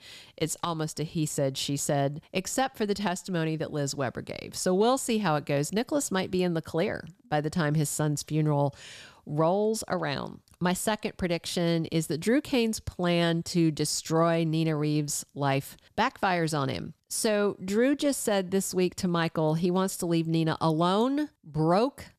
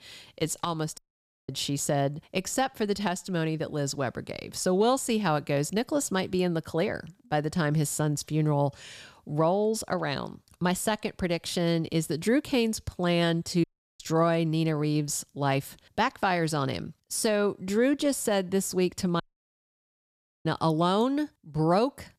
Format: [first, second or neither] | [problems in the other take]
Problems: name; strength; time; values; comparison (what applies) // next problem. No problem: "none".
first | audio cutting out; at 1 s for 0.5 s, at 14 s and at 19 s for 1.5 s